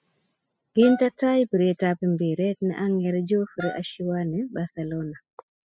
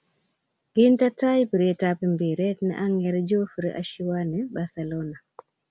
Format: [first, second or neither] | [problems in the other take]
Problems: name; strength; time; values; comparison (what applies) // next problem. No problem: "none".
second | noise reduction (classical method spectral subtraction)